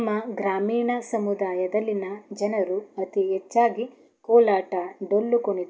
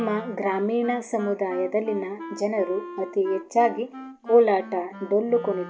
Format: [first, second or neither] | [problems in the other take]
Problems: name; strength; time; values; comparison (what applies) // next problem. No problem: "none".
first | background sound (Wind instrument, woodwind instrument); 15 dB below the speech